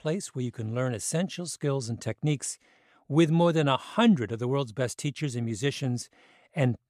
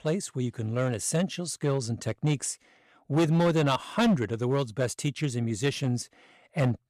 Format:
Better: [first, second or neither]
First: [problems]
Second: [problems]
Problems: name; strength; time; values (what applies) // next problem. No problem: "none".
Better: first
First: none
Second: distortion; slight; 5% of the sound clipped